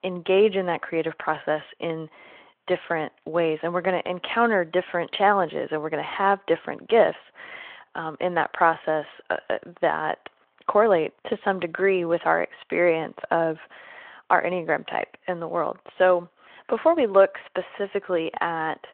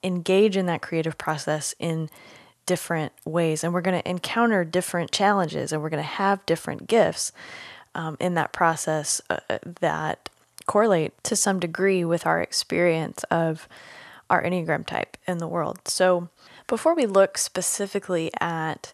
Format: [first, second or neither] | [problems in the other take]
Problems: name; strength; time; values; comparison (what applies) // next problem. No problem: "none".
second | phone-call audio